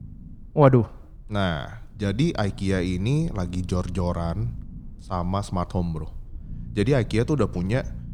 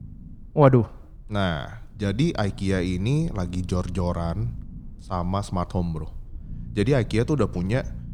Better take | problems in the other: neither | low rumble; faint; throughout; 25 dB below the speech; the same in both

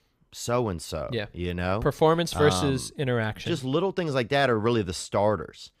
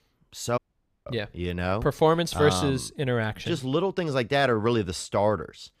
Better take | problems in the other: first | audio cutting out; at 0.5 s

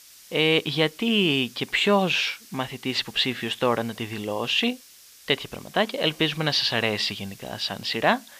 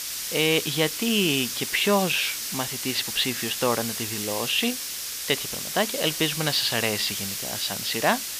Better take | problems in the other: first | hiss; loud; throughout; 4 dB below the speech; faint in the first

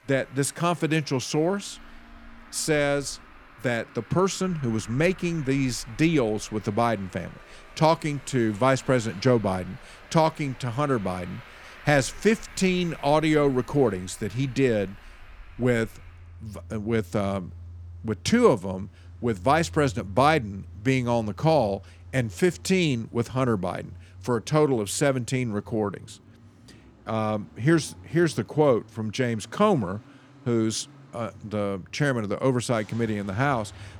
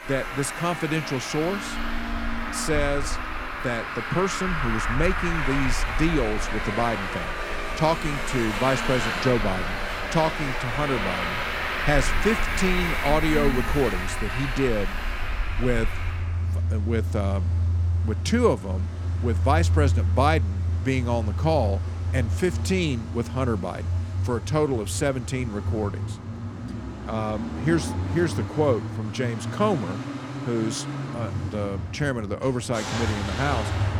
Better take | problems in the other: first | traffic noise; loud; throughout; 2 dB below the speech; faint in the first

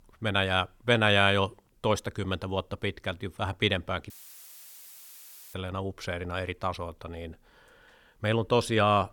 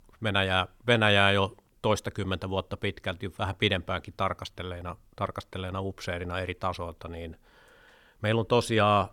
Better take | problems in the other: second | audio cutting out; filled with static; at 4 s for 1.5 s

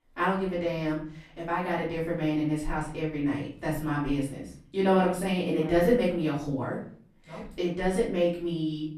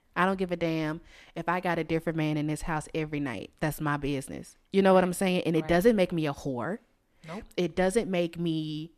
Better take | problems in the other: second | room echo; noticeable; dies away in 0.5 s // off-mic speech; far

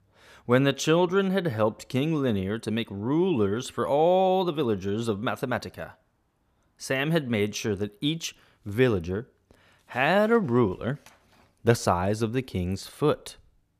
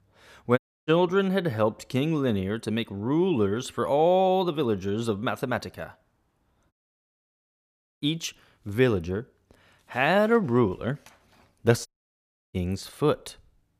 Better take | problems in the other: first | audio cutting out; at 0.5 s, at 6.5 s for 1.5 s and at 12 s for 0.5 s

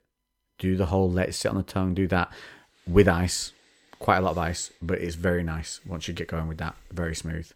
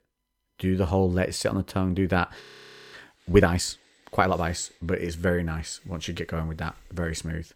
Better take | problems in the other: first | audio freezing; at 2.5 s for 0.5 s

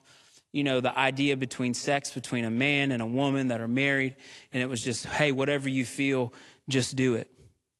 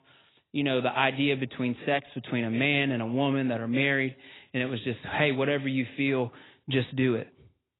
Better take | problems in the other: first | garbled, watery; badly; nothing above 4 kHz; slightly in the first

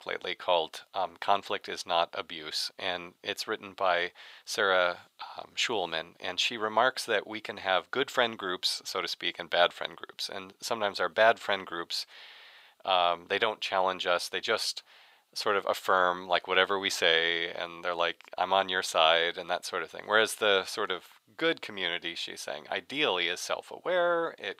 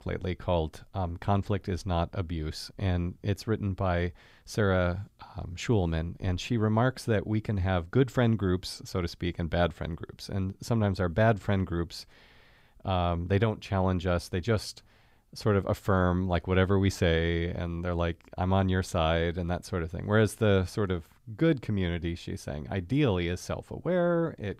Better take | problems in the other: second | thin; very; fading below 750 Hz

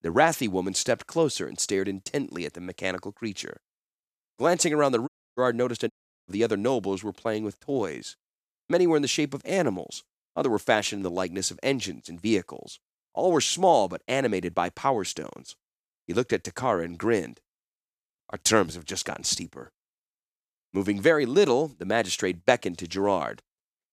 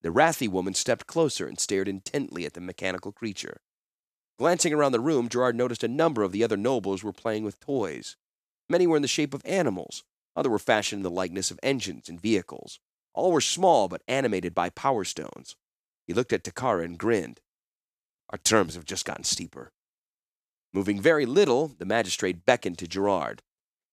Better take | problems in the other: second | audio cutting out; at 5 s and at 6 s

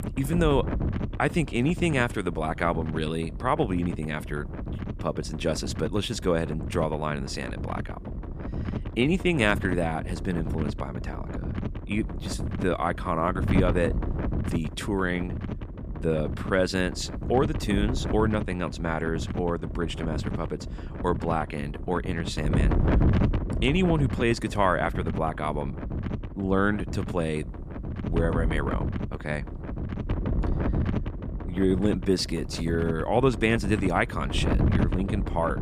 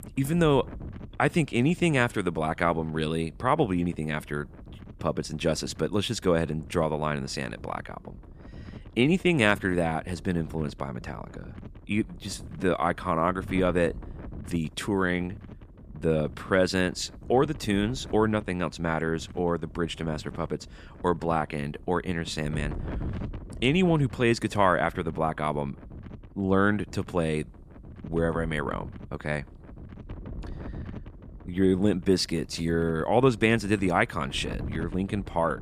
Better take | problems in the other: second | wind noise on the microphone; heavy; 10 dB below the speech; occasional gusts in the second

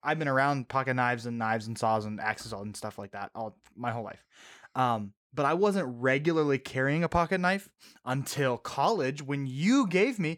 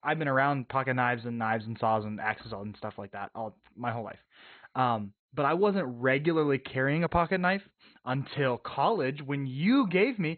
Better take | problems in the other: first | garbled, watery; badly; nothing above 4 kHz

